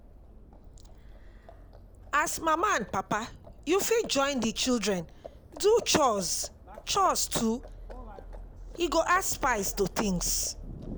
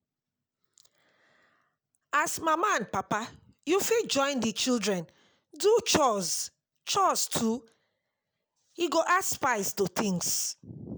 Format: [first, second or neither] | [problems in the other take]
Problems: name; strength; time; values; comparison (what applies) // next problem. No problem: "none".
second | background sound (Livestock, farm animals, working animals); 15 dB below the speech